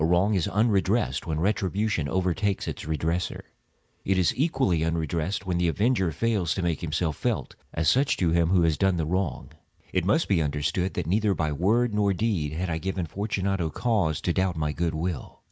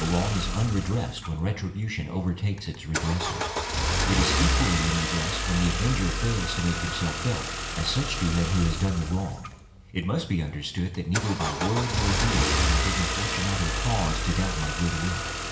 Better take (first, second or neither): first